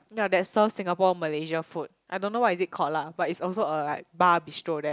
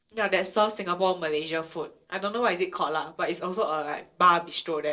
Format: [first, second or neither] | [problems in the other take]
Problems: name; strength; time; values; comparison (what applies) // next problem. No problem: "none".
first | noise reduction (neural separator model SepFormer DNS4)